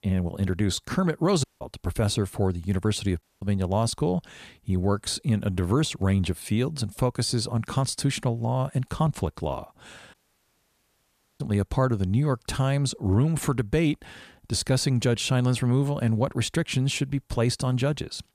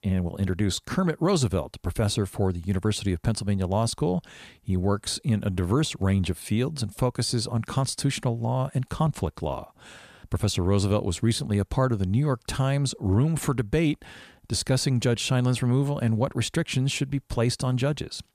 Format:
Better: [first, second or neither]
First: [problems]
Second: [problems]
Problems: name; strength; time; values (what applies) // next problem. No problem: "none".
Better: second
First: audio cutting out; at 1.5 s, at 3 s and at 10 s for 1.5 s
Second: none